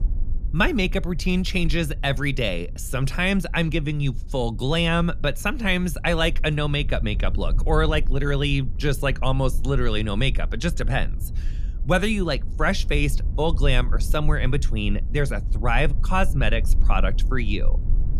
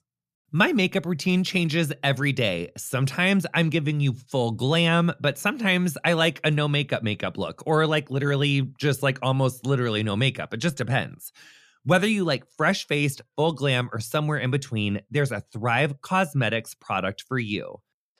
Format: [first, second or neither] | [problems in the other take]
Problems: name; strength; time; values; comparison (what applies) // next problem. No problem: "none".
second | low rumble; faint; throughout; 20 dB below the speech